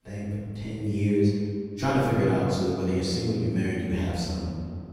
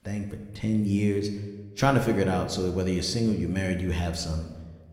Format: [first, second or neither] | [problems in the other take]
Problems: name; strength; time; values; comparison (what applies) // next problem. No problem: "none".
second | room echo; strong; dies away in 2.3 s; slight in the second // off-mic speech; far